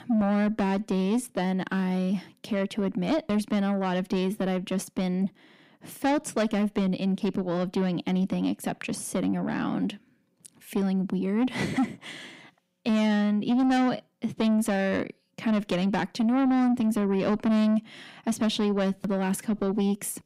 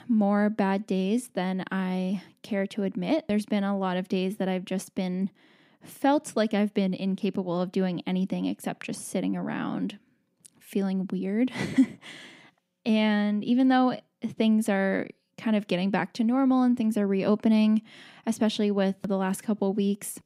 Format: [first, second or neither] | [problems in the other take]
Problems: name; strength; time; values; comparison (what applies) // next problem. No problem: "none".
second | distortion; slight; 10 dB below the speech